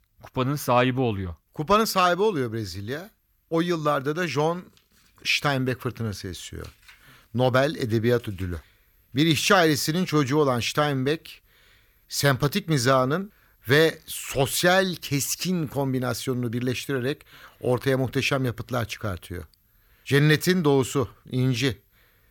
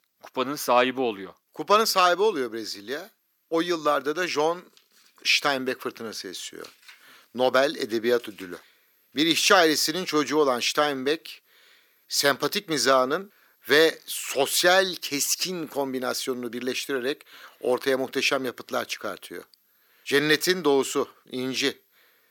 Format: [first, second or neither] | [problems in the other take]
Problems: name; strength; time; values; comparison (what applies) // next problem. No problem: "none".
first | thin; somewhat; fading below 300 Hz